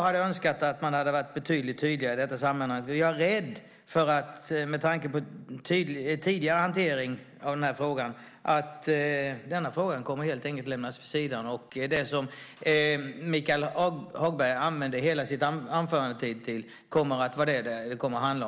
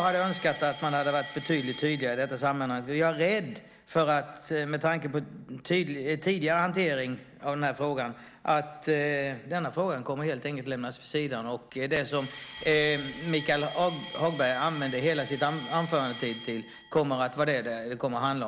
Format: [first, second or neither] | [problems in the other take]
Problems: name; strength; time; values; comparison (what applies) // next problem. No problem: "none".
first | background sound (Alarm); 17 dB below the speech